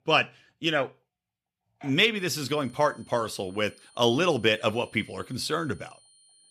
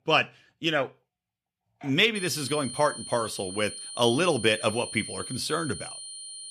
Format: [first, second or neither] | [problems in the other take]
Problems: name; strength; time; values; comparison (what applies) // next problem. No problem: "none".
first | high-pitched whine; loud; from 2 s on; 9.5 kHz, 10 dB below the speech; faint in the first